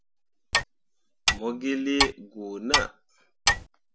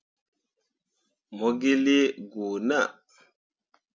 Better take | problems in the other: second | background sound (Clock); 4 dB above the speech

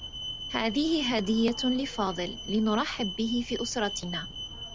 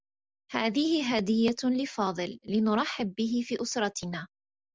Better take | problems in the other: second | background sound (Alarm); 9 dB below the speech

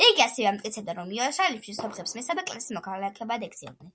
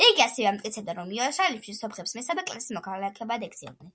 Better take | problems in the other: second | background sound (Fireworks); 19 dB below the speech

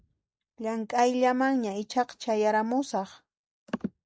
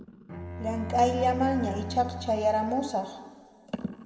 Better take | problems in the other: first | background sound (Bowed string instrument); 9 dB below the speech // room echo; dies away in 2.1 s

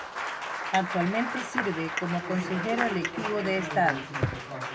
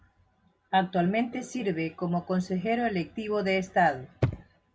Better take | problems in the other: second | background sound (Applause + Cutlery, silverware / Dishes, pots, and pans / Chink, clink); 3 dB below the speech

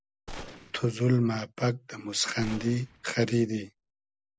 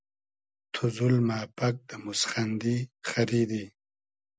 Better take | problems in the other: second | background sound (Gunshot, gunfire); 16 dB below the speech

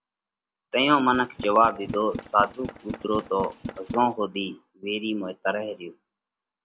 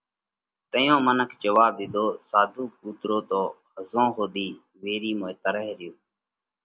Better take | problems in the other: second | background sound (Tools); 11 dB below the speech

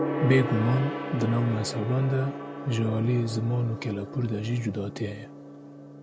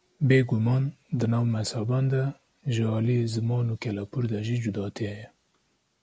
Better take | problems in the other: second | background sound (Gong); 7 dB below the speech

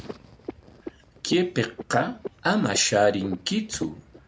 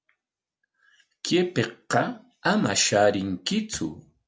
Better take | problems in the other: second | background sound (Frog); 15 dB below the speech

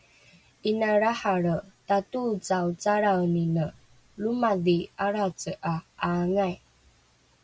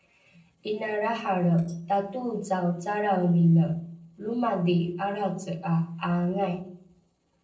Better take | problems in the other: first | noise reduction (neural separator model SepFormer DNS4)

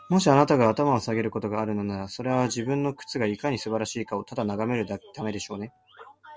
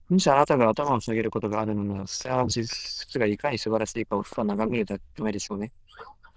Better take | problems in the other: first | noise reduction (neural diffusion model UNIVERSE++)

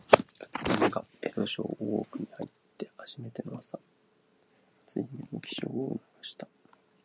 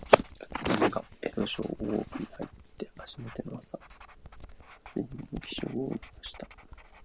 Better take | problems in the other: first | background sound (Writing); 16 dB below the speech

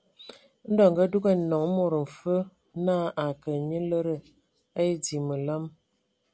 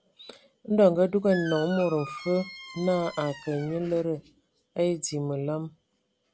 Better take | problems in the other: first | background sound (Squeak); 14 dB below the speech

